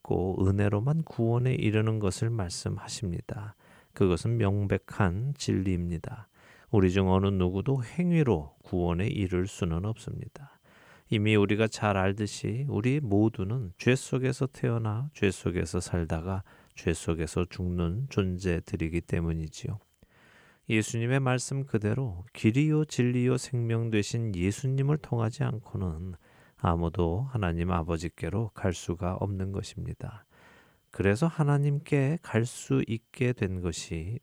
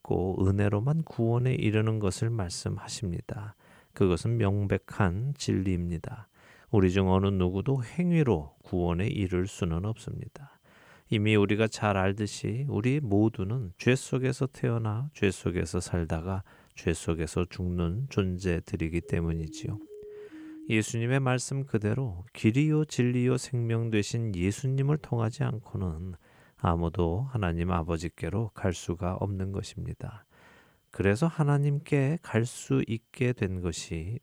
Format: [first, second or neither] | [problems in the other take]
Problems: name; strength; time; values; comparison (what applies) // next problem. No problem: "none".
first | siren; faint; from 19 to 21 s; peak 15 dB below the speech